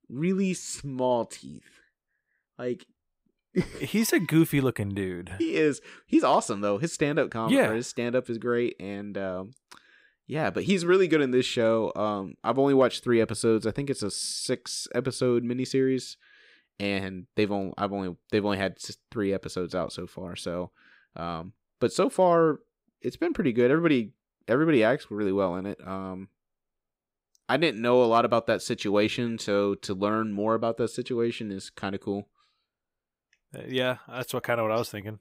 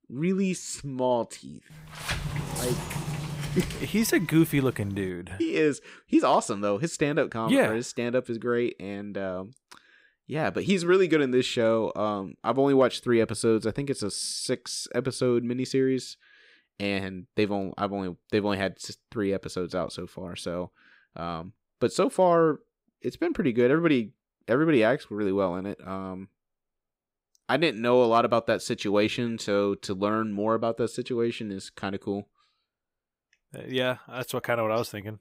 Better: first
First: none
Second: door banging; noticeable; from 2 to 5 s; peak 4 dB below the speech

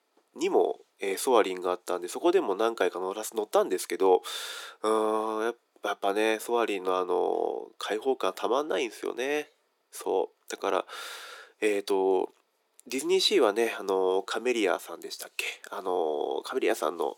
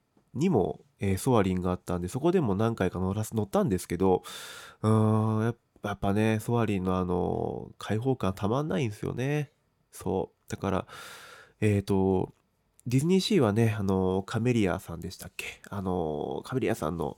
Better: second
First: thin; very; fading below 350 Hz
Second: none

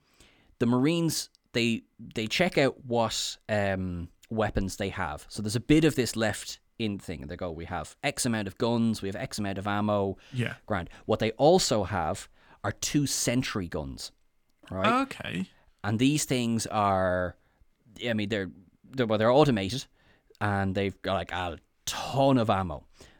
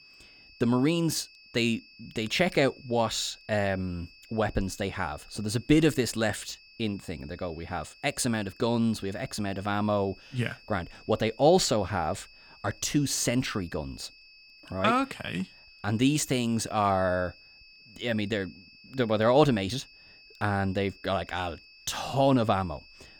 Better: first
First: none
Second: high-pitched whine; faint; throughout; 2.5 kHz, 25 dB below the speech

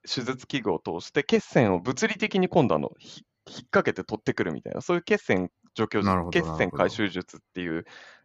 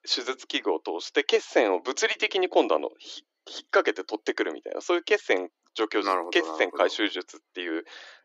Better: first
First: none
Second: thin; somewhat; fading below 300 Hz

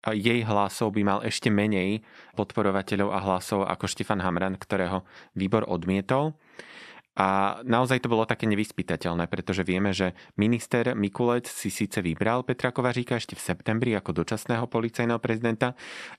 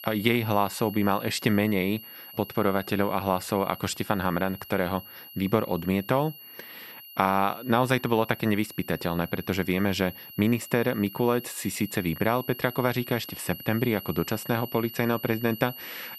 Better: first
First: none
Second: high-pitched whine; noticeable; throughout; 11.5 kHz, 15 dB below the speech

